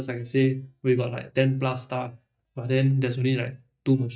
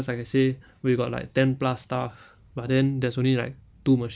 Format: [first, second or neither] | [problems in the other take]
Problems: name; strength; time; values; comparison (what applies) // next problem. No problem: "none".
second | noise reduction (neural mask model DeepFilterNet 3)